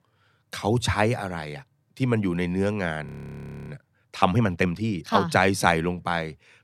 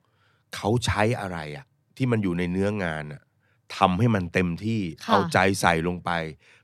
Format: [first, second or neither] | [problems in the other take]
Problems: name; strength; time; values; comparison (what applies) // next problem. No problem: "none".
second | audio freezing; at 3 s for 0.5 s